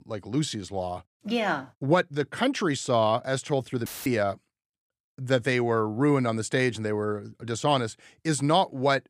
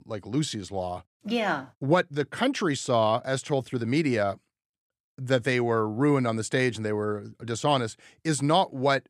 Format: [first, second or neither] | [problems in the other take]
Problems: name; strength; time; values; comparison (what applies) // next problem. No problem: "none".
second | audio cutting out; filled with static; at 4 s